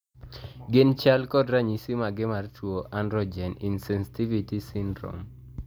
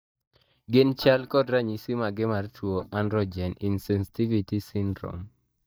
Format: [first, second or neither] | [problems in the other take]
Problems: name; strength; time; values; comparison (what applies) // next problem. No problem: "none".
first | noise reduction (neural mask model DeepFilterNet 3)